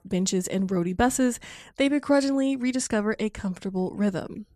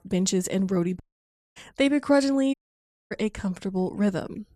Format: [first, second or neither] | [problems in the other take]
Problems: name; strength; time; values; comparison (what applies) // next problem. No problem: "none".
first | audio cutting out; at 1 s for 0.5 s and at 2.5 s for 0.5 s